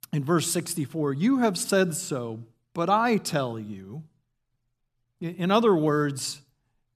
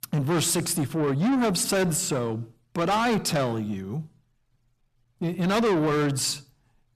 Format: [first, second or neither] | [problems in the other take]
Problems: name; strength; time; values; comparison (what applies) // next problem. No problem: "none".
first | distortion; heavy; 6 dB below the speech